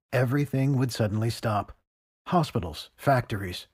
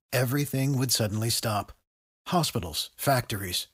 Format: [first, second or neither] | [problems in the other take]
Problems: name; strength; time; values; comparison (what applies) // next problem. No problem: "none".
second | muffled; slightly; fading above 3 kHz